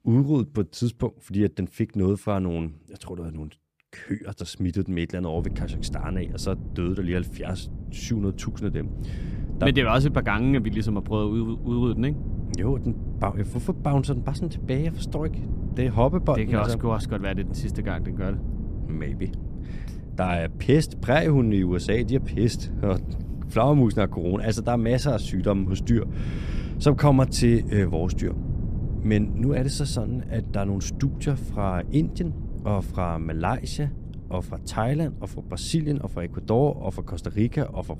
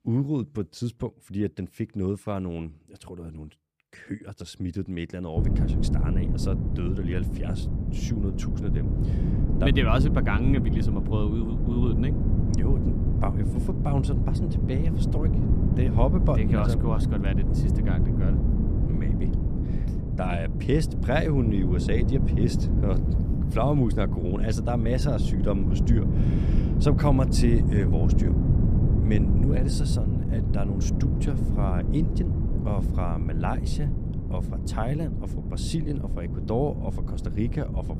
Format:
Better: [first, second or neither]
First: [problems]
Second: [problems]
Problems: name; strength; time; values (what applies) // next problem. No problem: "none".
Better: first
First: wind noise on the microphone; occasional gusts; from 5.5 s on; 15 dB below the speech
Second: wind noise on the microphone; heavy; from 5.5 s on; 3 dB below the speech